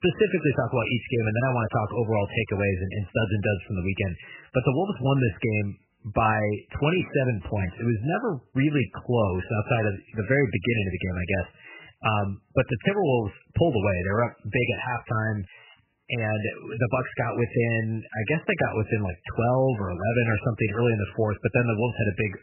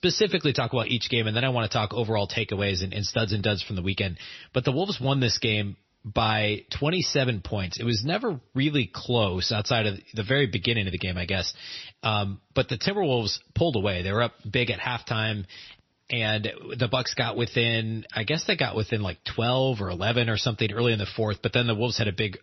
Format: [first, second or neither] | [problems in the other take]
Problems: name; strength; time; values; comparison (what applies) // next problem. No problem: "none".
second | garbled, watery; badly; nothing above 3 kHz; slightly in the second